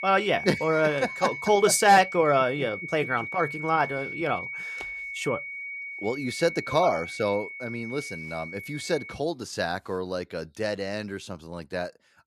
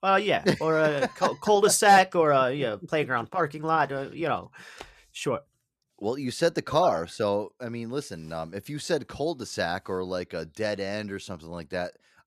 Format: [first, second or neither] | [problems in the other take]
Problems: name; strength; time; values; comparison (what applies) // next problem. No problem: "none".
second | high-pitched whine; loud; until 9 s; 2 kHz, 8 dB below the speech